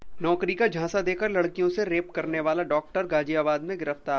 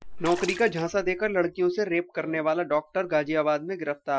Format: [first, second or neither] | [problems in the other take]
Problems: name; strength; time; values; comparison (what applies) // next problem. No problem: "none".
first | noise reduction (classical method Wiener filter)